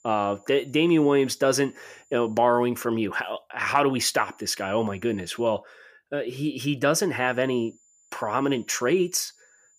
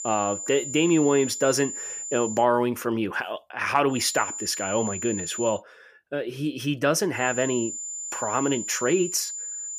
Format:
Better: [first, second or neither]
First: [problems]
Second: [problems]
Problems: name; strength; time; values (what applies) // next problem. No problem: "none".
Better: first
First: high-pitched whine; faint; until 2.5 s, from 4 to 5.5 s and from 7 s on; 7 kHz, 35 dB below the speech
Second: high-pitched whine; loud; until 2.5 s, from 4 to 5.5 s and from 7 s on; 7 kHz, 6 dB below the speech